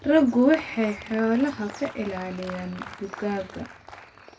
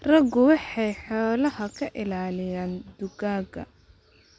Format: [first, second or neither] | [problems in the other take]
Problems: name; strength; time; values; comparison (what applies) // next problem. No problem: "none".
second | background sound (Applause); 17 dB below the speech // room echo; dies away in 0.2 s